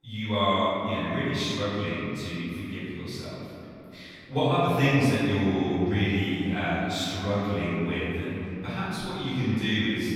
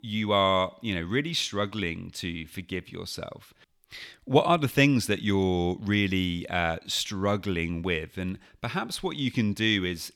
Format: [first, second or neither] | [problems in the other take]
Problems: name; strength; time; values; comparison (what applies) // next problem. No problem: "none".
second | off-mic speech; far // room echo; strong; dies away in 3 s